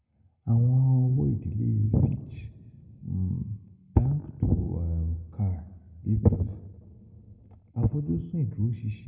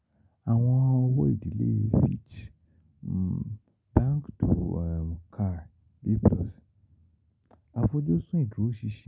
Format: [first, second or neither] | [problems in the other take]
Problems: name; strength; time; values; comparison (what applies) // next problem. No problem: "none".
second | room echo; dies away in 1.3 s